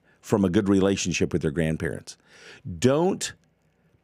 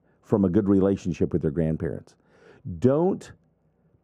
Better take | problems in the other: first | muffled; very; fading above 1.5 kHz

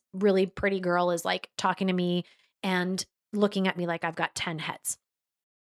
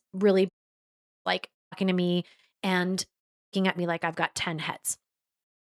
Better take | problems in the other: first | audio cutting out; at 0.5 s for 1 s, at 1.5 s and at 3 s

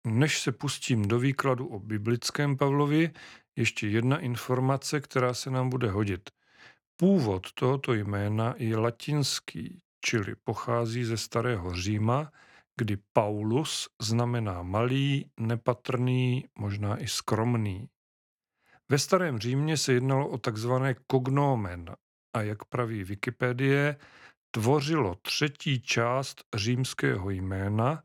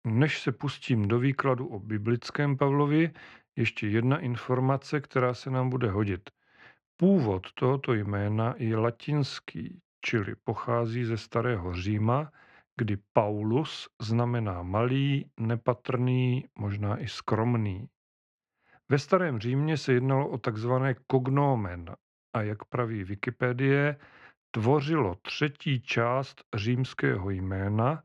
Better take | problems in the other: first | muffled; slightly; fading above 3 kHz

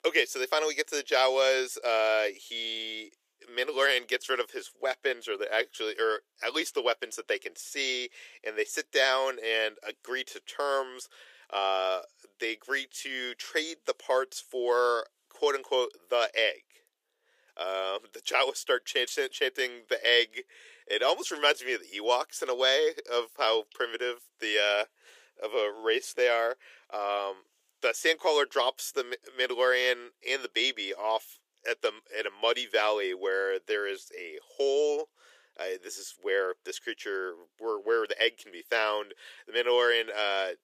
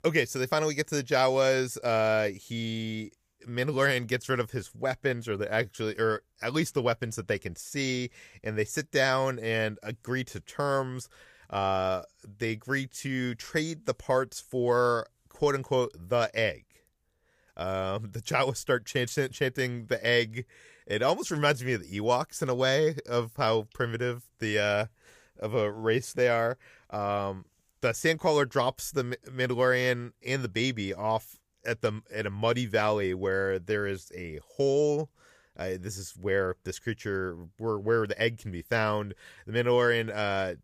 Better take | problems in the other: second | thin; very; fading below 350 Hz

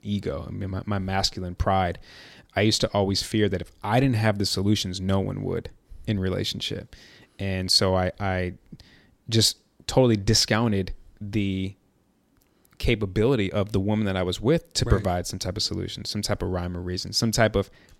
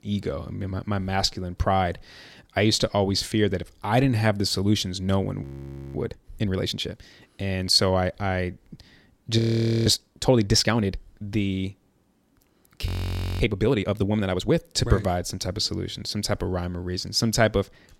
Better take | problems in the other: first | audio freezing; at 5.5 s for 0.5 s, at 9.5 s and at 13 s for 0.5 s

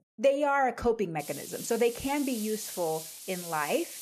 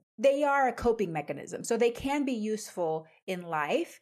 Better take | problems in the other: second | hiss; loud; from 1 s on; 10 dB below the speech

